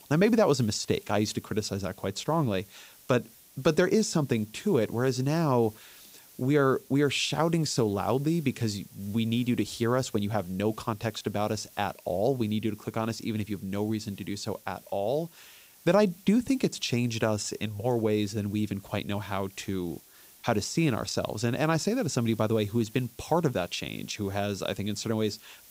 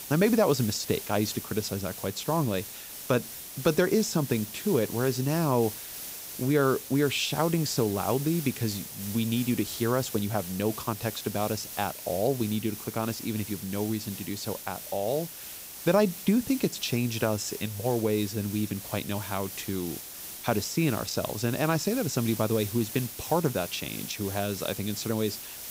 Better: first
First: hiss; faint; throughout; 25 dB below the speech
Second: hiss; loud; throughout; 9 dB below the speech

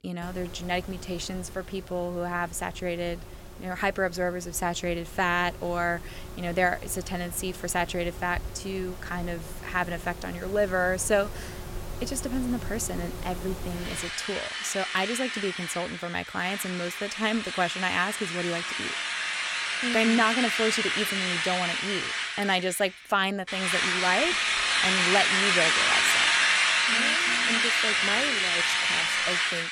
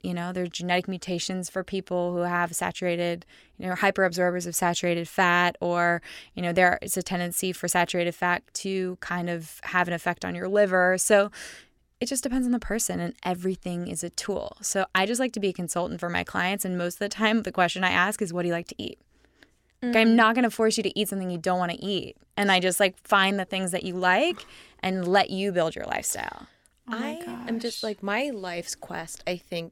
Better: second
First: machinery noise; very loud; throughout; 5 dB above the speech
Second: none

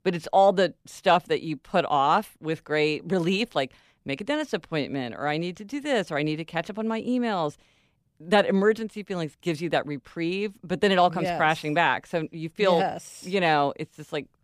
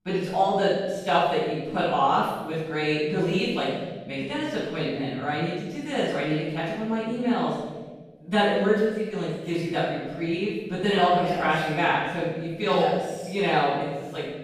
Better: first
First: none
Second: off-mic speech; far // room echo; strong; dies away in 1.2 s

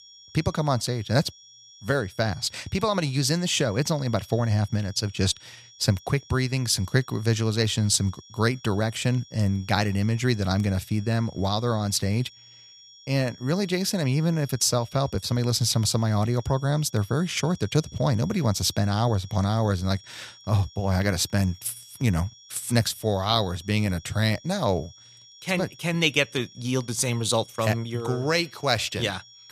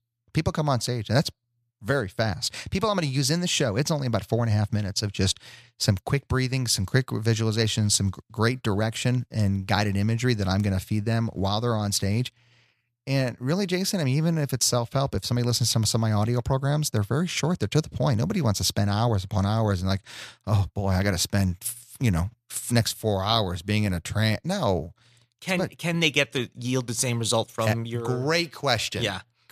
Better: second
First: high-pitched whine; faint; throughout; 5.5 kHz, 20 dB below the speech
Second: none

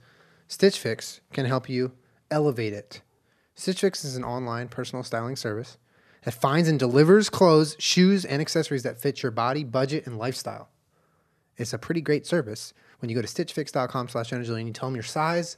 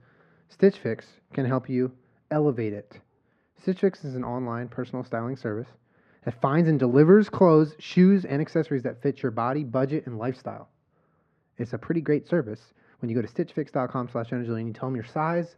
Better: first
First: none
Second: muffled; very; fading above 2 kHz

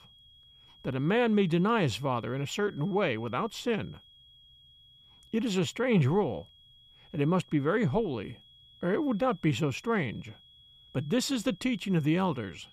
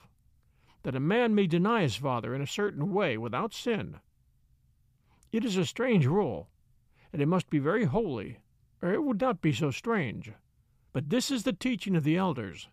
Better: second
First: high-pitched whine; faint; throughout; 3.5 kHz, 25 dB below the speech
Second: none

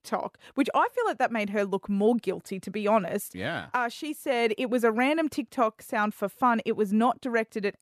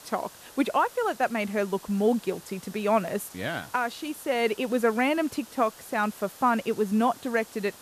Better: first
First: none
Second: hiss; noticeable; throughout; 20 dB below the speech

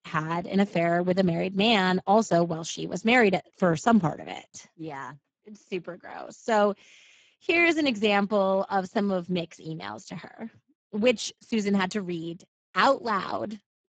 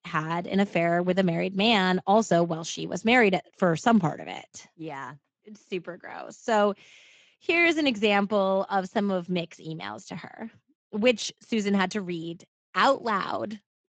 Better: second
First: garbled, watery; badly; nothing above 7.5 kHz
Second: garbled, watery; slightly; nothing above 7.5 kHz

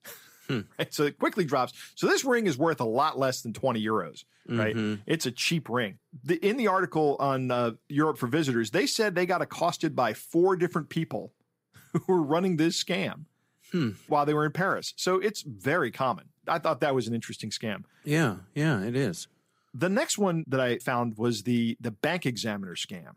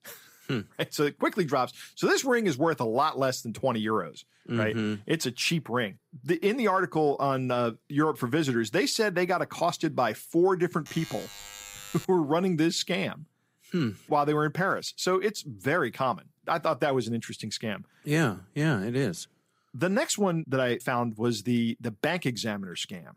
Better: first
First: none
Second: alarm; faint; from 11 to 12 s; peak 15 dB below the speech

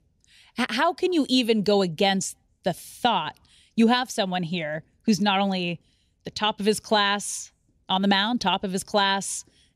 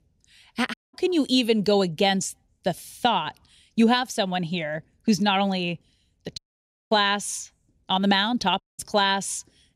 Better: first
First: none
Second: audio cutting out; at 0.5 s, at 6.5 s for 0.5 s and at 8.5 s

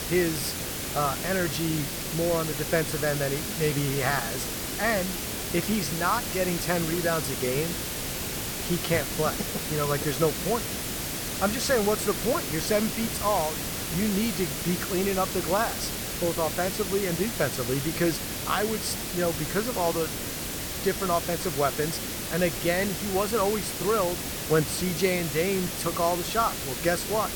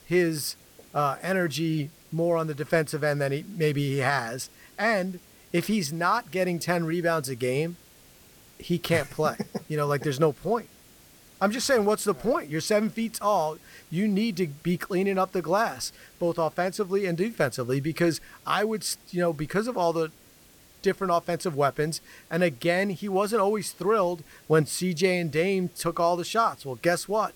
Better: second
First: hiss; loud; throughout; 2 dB below the speech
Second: hiss; faint; throughout; 25 dB below the speech

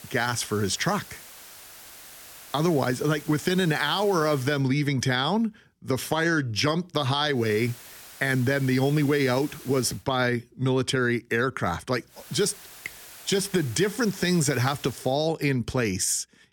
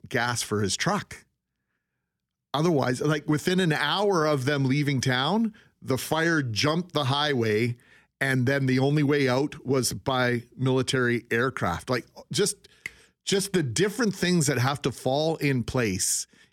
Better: second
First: hiss; noticeable; until 4.5 s, from 7.5 to 10 s and from 12 to 15 s; 20 dB below the speech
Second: none

